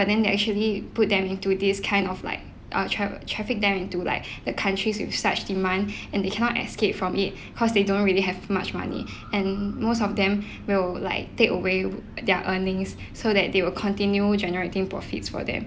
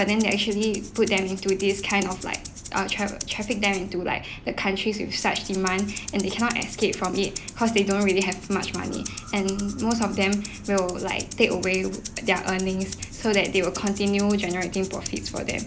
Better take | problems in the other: first | background sound (Rattle (instrument)); 13 dB below the speech

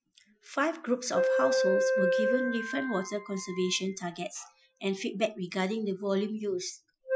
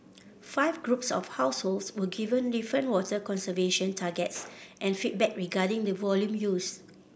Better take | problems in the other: second | noise reduction (classical method Wiener filter)

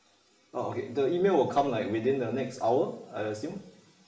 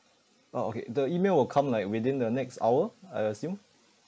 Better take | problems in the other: second | room echo; dies away in 0.6 s

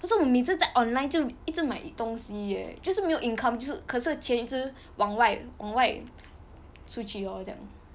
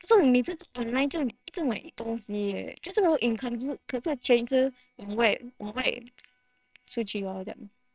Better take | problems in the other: first | noise reduction (neural separator model SepFormer WHAMR!)

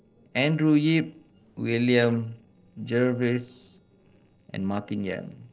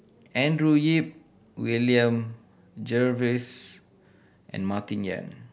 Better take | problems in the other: second | noise reduction (neural separator model SepFormer DNS4)

